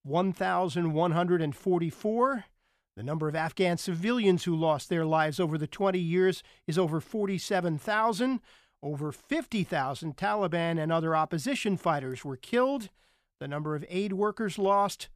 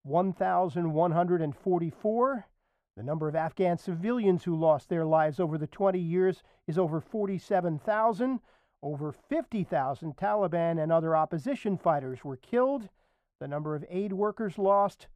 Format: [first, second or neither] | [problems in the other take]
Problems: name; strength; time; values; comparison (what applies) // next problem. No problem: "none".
first | muffled; very; fading above 2 kHz